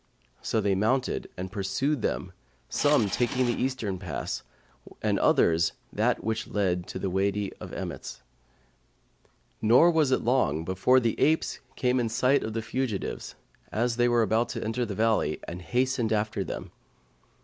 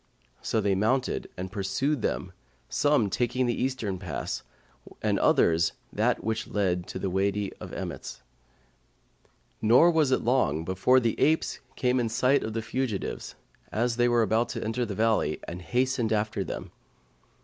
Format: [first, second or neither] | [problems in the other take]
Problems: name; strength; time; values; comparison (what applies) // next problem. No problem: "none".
second | background sound (Subway, metro, underground / Engine); 11 dB below the speech